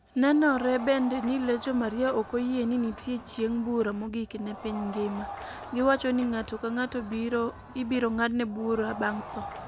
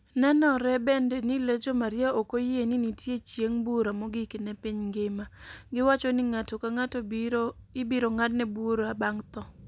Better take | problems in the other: second | background sound (Crowd); 14 dB below the speech

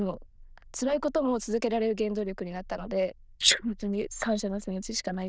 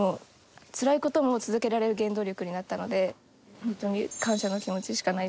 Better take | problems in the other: second | noise reduction (neural diffusion model UNIVERSE++)

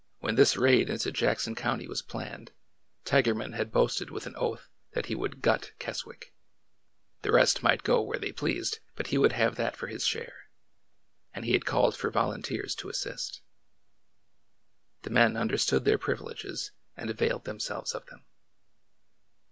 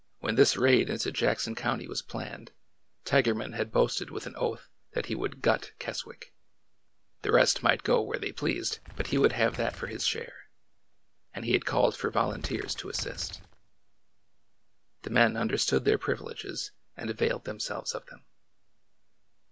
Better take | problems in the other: first | background sound (Crumpling, crinkling); 13 dB below the speech

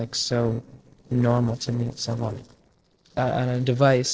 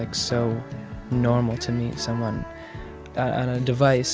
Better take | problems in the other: second | noise reduction (neural separator model SepFormer DNS4)

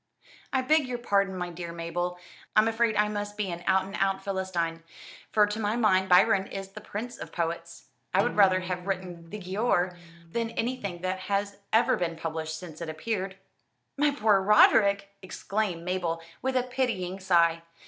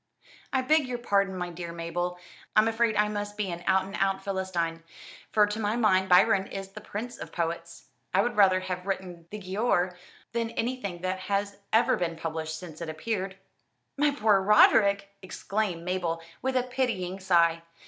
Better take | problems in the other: second | background sound (Acoustic guitar); 15 dB below the speech

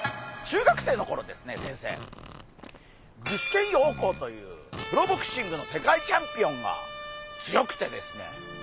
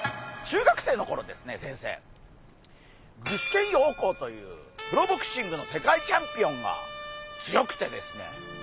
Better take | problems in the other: second | background sound (Fart); 15 dB below the speech

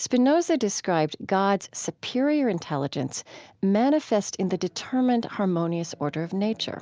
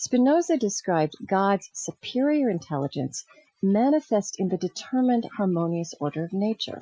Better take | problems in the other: first | noise reduction (classical method Wiener filter)

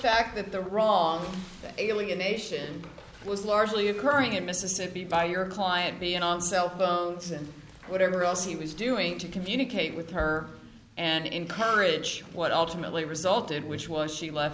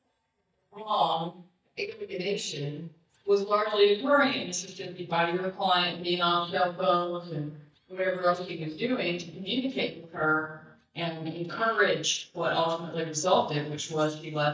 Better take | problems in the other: first | noise reduction (neural mask model DeepFilterNet 3)

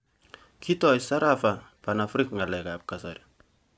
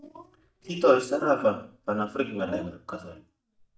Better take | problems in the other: first | noise reduction (neural mask model DeepFilterNet 3)

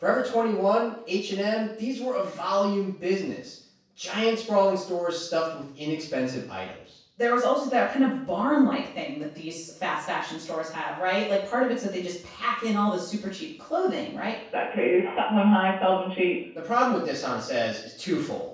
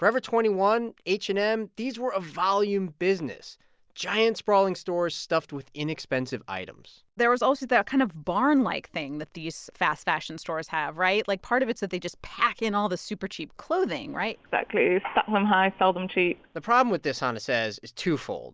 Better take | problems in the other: second | room echo; dies away in 0.7 s

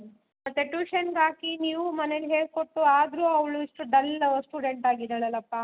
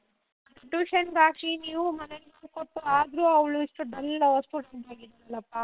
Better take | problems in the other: first | noise reduction (neural separator model SepFormer WHAM!)

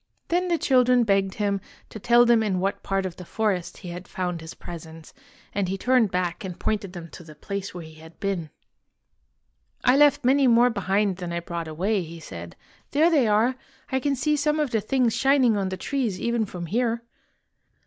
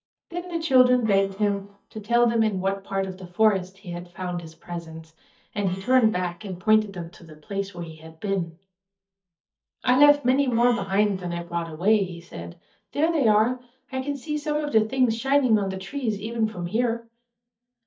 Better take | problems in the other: first | noise reduction (neural mask model DeepFilterNet 3)

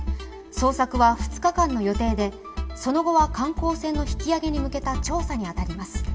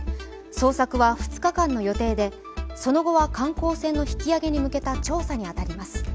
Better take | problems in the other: second | room echo; dies away in 0.3 s

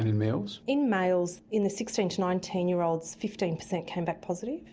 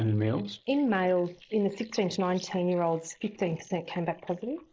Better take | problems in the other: first | noise reduction (neural mask model Resemble Enhance denoiser)

